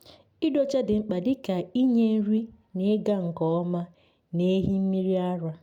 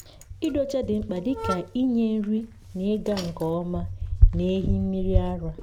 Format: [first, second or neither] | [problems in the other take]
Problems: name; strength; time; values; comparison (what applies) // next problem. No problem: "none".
first | background sound (Bicycle); as loud as the speech